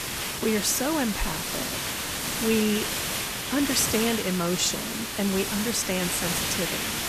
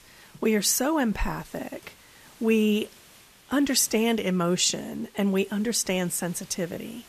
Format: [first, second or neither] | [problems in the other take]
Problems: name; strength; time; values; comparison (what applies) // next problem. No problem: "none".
second | hiss; loud; throughout; 1 dB below the speech; faint in the second